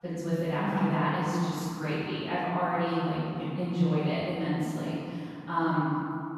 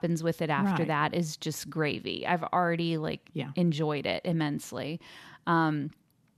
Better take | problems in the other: second | room echo; strong; dies away in 2.5 s // off-mic speech; far

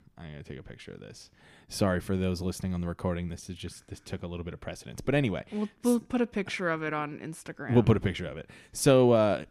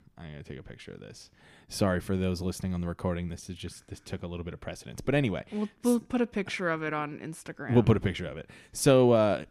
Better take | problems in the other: neither | none

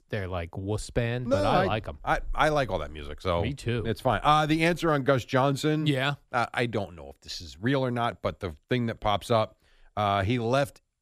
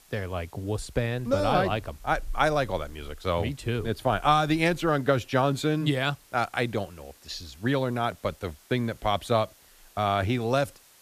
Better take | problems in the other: first | hiss; faint; throughout; 25 dB below the speech

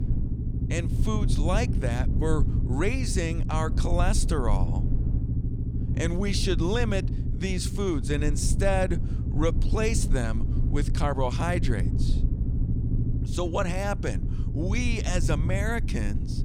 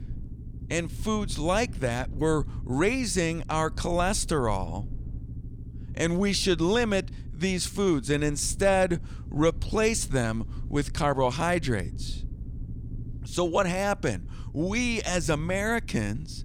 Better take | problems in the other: second | low rumble; loud; throughout; 9 dB below the speech; faint in the second

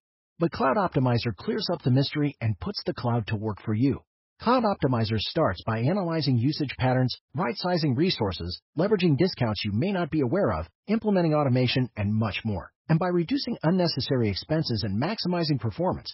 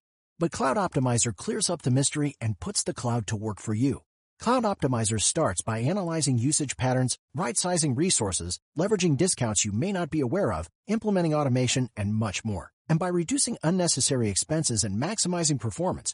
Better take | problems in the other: second | garbled, watery; badly; nothing above 5.5 kHz; slightly in the second

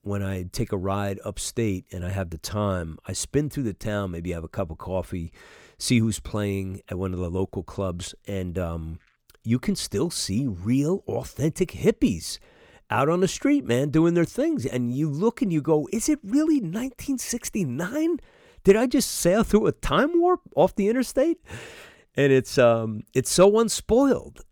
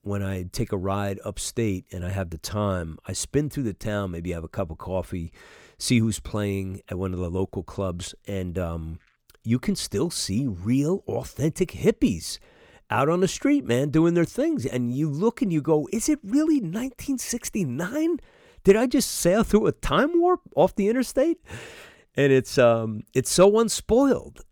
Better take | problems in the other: neither | none

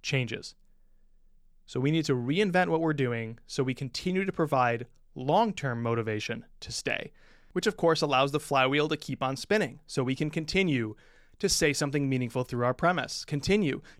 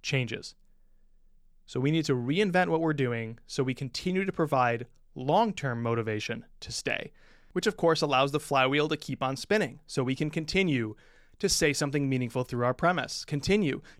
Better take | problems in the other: neither | none

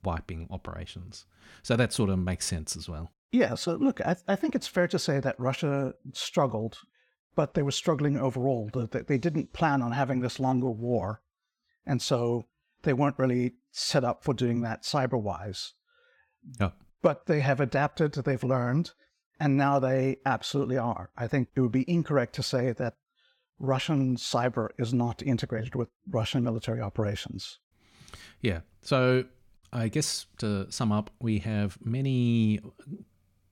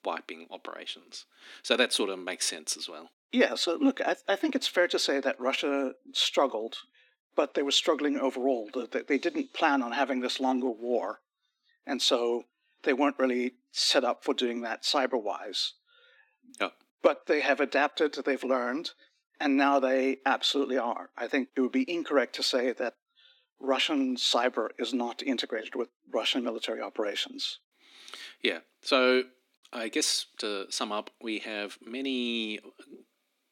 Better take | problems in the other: first | thin; very slightly; fading below 250 Hz

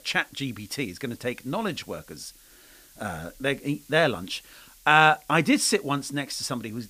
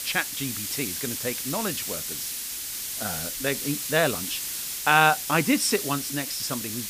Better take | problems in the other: first | hiss; loud; throughout; 3 dB below the speech; faint in the first

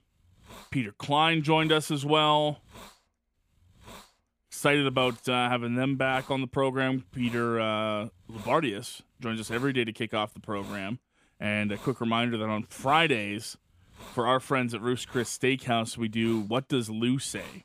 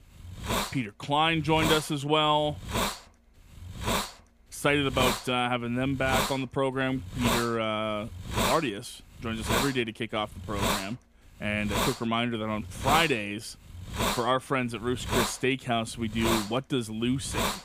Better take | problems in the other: first | hiss; loud; throughout; 2 dB below the speech; faint in the first

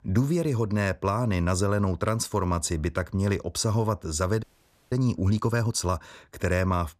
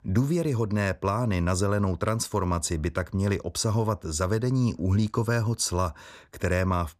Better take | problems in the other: second | audio freezing; at 4.5 s

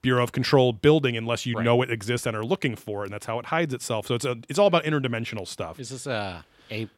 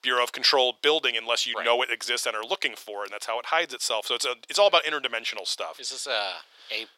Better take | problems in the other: first | thin; very; fading below 550 Hz

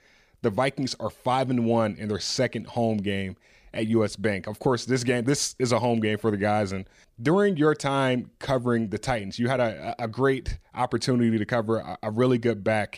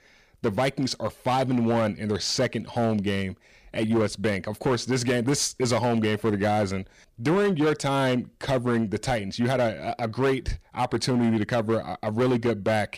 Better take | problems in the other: first | distortion; slight; 10% of the sound clipped

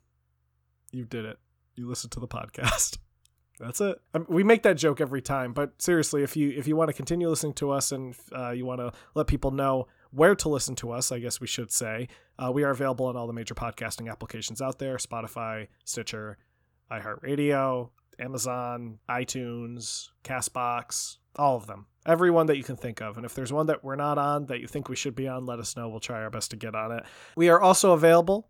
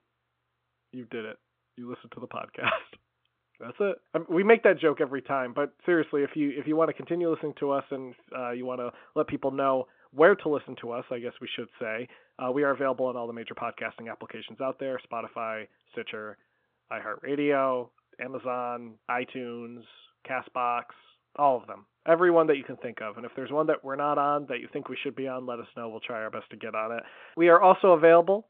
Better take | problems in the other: first | phone-call audio; nothing above 3.5 kHz

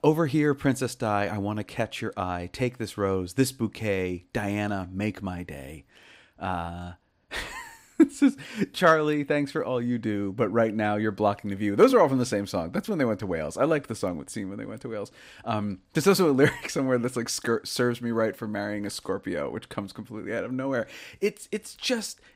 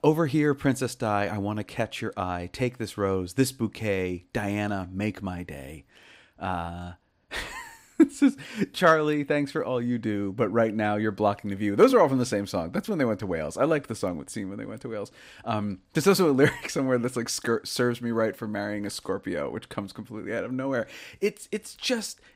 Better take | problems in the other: neither | none

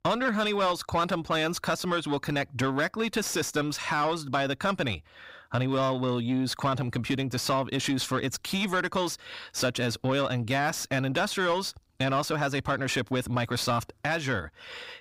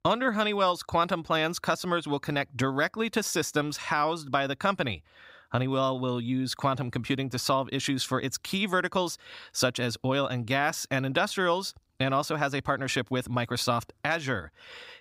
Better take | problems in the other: second | distortion; slight; 10 dB below the speech

